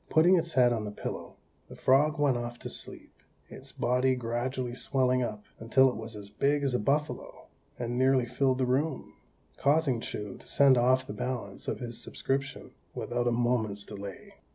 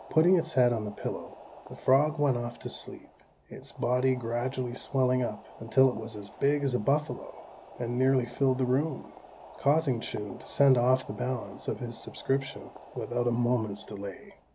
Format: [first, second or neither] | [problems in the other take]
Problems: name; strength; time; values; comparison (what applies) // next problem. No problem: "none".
first | background sound (Boiling); 19 dB below the speech